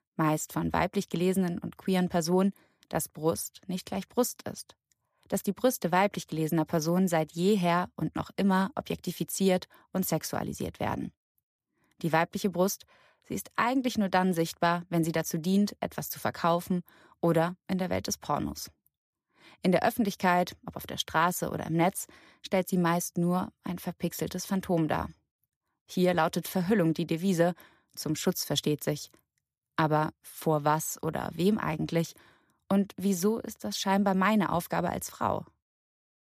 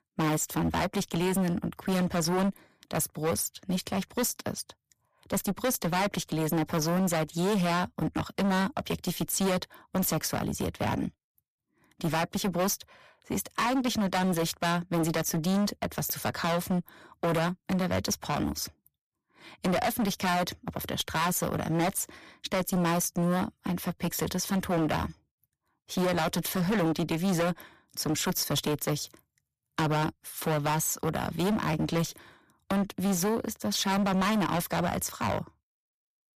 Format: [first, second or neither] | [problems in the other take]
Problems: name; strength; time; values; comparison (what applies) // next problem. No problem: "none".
first | distortion; heavy; 19% of the sound clipped